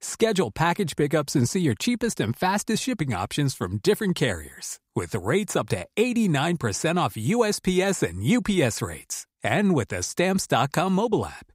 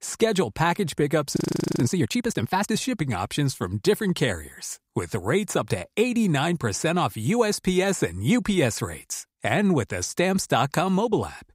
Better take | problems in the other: first | audio freezing; at 1.5 s

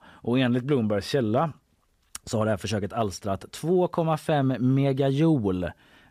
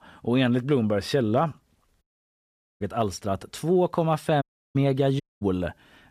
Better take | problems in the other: first | audio cutting out; at 2 s for 1 s, at 4.5 s and at 5 s

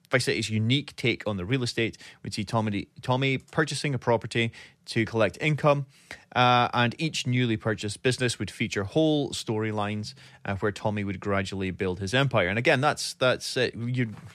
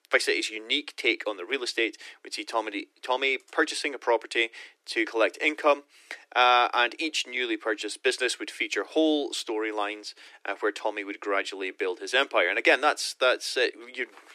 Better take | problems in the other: first | thin; very; fading below 300 Hz

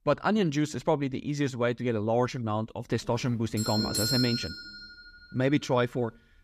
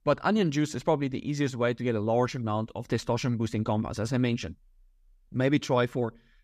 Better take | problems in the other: second | doorbell; loud; from 3 to 5 s; peak 2 dB above the speech

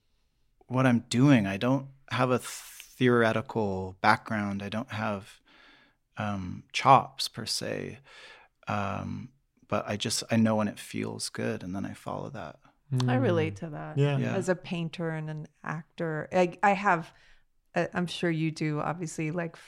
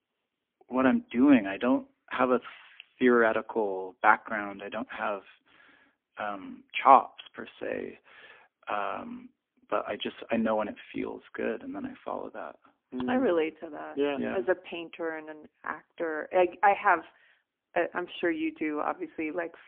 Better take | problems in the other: first | phone-call audio; poor line; nothing above 3.5 kHz

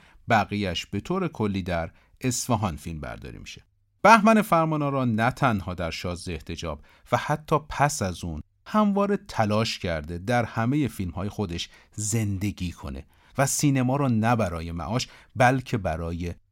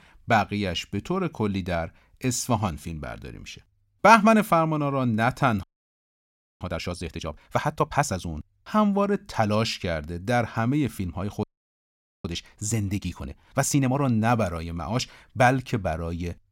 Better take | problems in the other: first | audio freezing; at 5.5 s for 1 s and at 11 s for 1 s

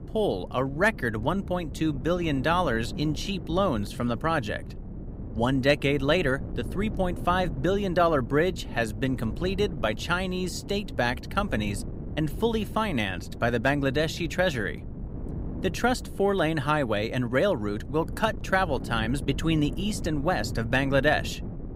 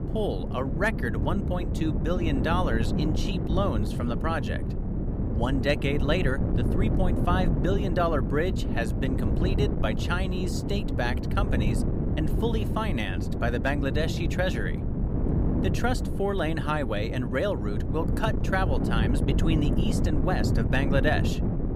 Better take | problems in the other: first | wind noise on the microphone; heavy; 6 dB below the speech; occasional gusts in the first

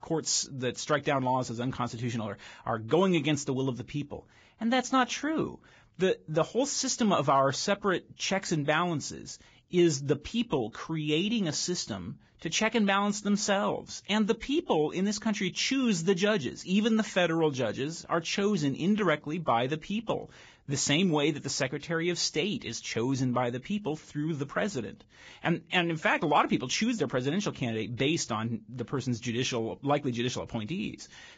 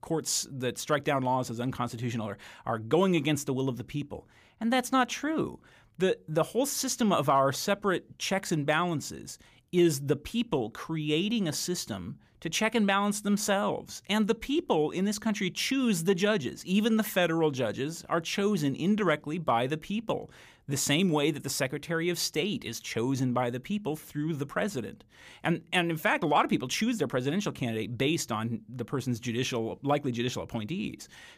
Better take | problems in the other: second | garbled, watery; badly; nothing above 7.5 kHz

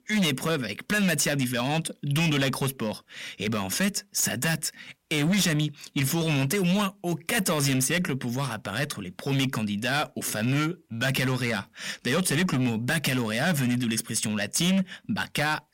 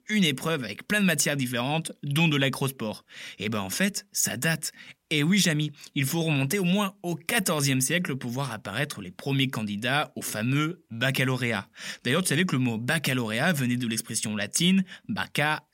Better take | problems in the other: second | distortion; slight; 11% of the sound clipped

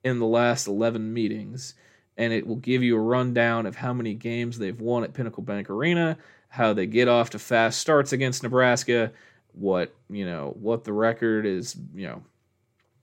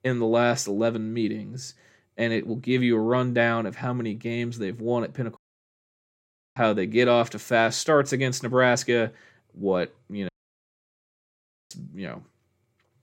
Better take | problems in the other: first | audio cutting out; at 5.5 s for 1 s and at 10 s for 1.5 s

